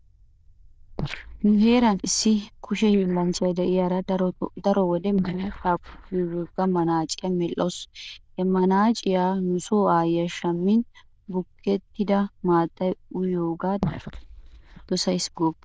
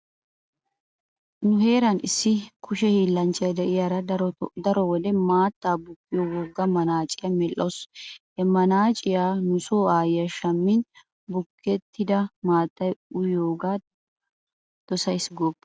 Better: second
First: noise reduction (neural diffusion model UNIVERSE++)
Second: none

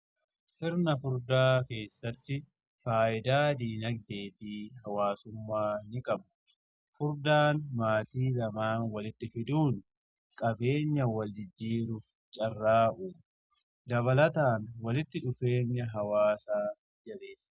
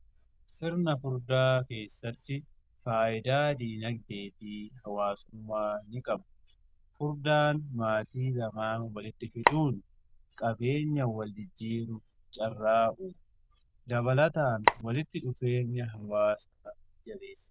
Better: first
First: none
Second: noise reduction (neural diffusion model UNIVERSE++)

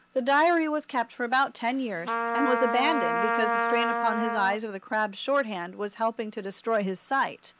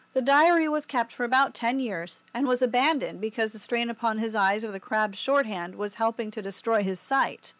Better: second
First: background sound (Trumpet); 4 dB below the speech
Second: none

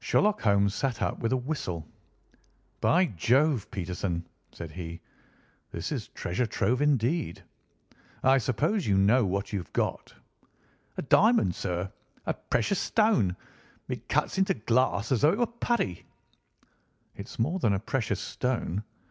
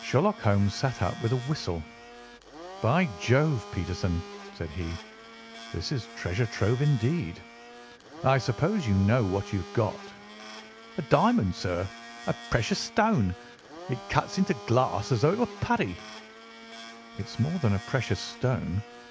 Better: first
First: none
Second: background sound (Domestic sounds, home sounds); 16 dB below the speech

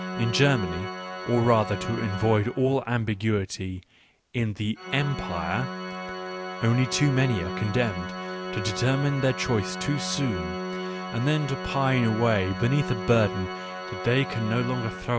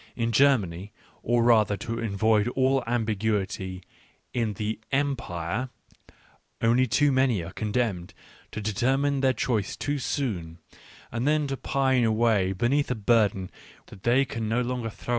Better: second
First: background sound (Organ); 8 dB below the speech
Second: none

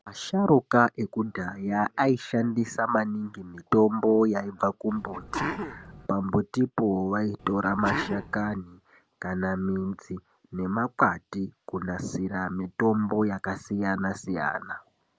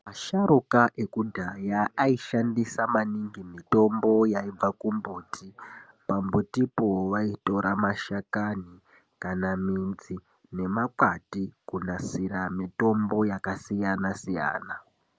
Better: second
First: background sound (Sneeze); 8 dB below the speech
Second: none

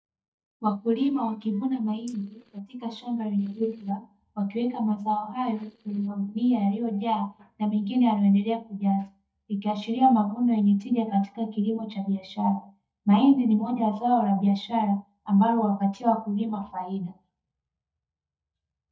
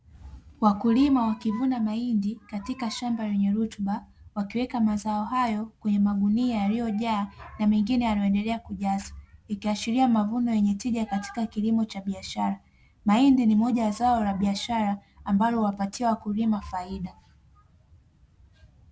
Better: second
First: noise reduction (neural mask model DeepFilterNet 3)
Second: none

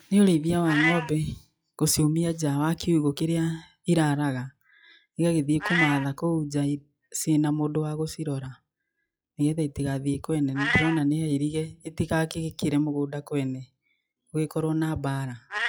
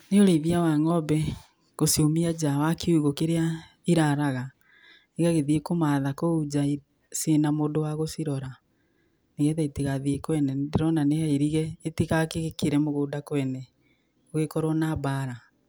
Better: second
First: noise reduction (classical method log-MMSE)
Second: none

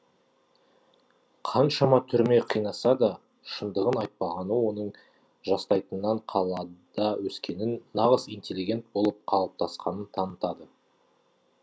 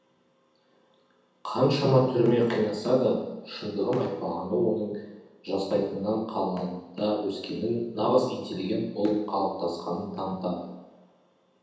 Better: first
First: none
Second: room echo; dies away in 0.9 s

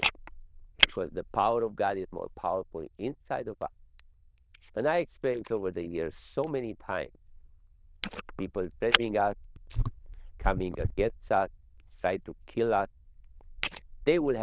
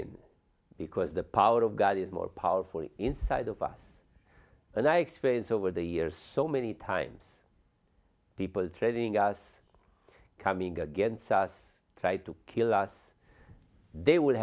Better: second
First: noise reduction (neural diffusion model UNIVERSE++)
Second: none

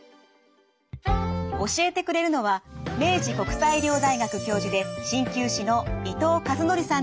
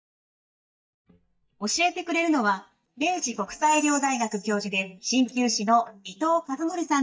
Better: first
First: none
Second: noise reduction (neural mask model DeepFilterNet 3)

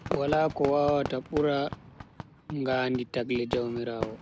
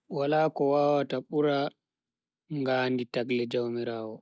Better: second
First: background sound (Fireworks); 9 dB below the speech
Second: none

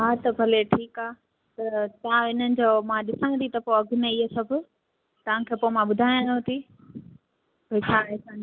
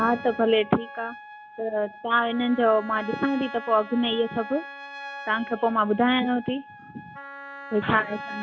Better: first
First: none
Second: background sound (Wind instrument, woodwind instrument + Trumpet); 14 dB below the speech

